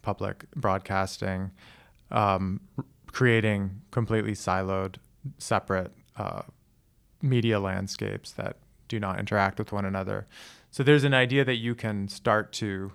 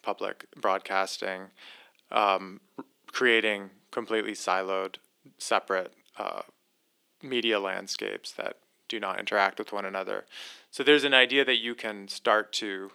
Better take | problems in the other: first | thin; somewhat; fading below 300 Hz

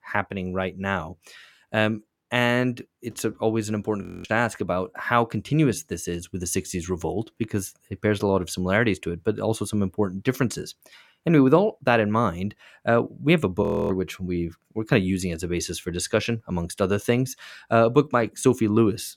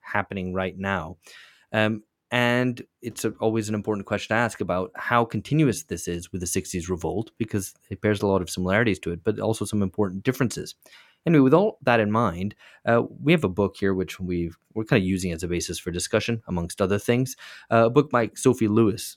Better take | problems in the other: second | audio freezing; at 4 s and at 14 s

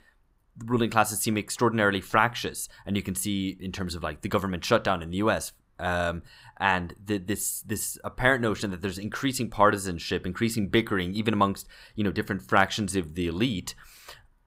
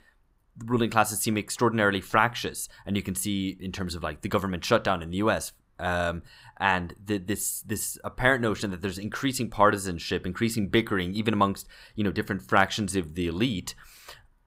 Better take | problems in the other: neither | none

